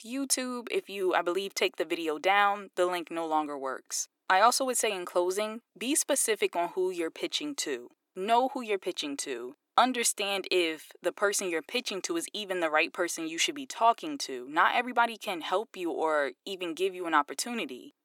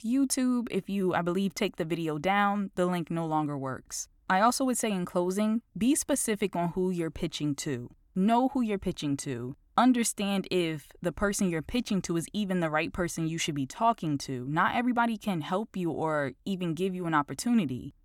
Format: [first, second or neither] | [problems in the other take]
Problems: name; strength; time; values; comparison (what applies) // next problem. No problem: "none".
second | thin; somewhat; fading below 400 Hz